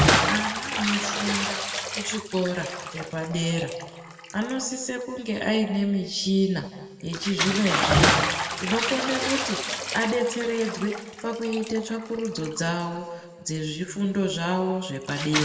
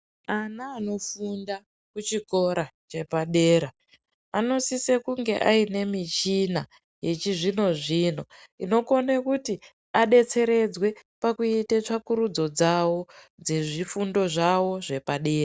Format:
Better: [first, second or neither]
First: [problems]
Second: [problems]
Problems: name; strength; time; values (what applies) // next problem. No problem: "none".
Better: second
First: background sound (Bathtub (filling or washing) / Splash, splatter); 1 dB below the speech // room echo; dies away in 1.7 s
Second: none